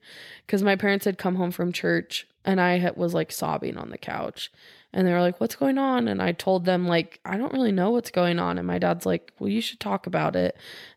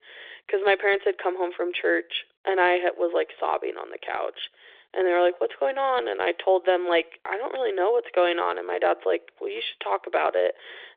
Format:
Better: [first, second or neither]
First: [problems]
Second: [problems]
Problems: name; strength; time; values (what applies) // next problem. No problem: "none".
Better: first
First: none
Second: phone-call audio; nothing above 3.5 kHz